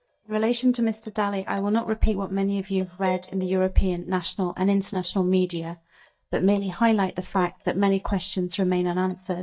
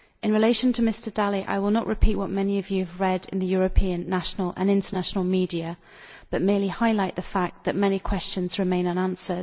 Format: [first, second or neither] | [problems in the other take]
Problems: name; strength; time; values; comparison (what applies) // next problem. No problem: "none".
second | noise reduction (neural mask model DeepFilterNet 3)